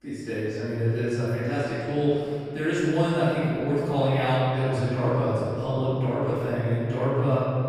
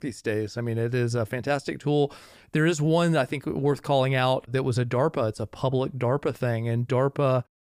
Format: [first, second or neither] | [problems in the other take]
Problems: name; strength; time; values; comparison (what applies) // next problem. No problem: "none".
second | off-mic speech; far // room echo; strong; dies away in 2.5 s